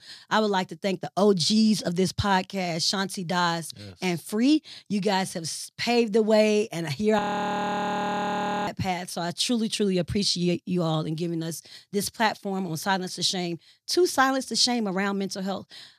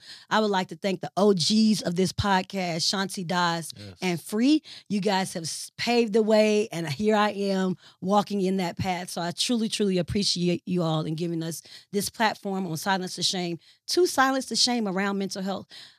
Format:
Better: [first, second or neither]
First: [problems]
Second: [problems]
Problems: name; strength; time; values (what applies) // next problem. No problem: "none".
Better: second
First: audio freezing; at 7 s for 1.5 s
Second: none